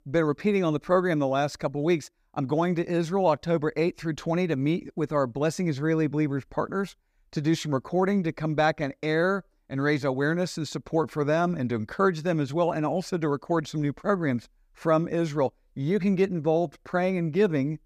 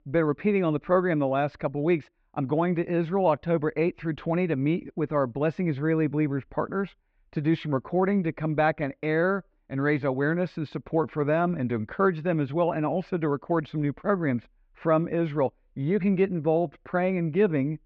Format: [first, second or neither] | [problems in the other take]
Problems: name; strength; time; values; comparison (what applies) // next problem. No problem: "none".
first | muffled; very; fading above 3 kHz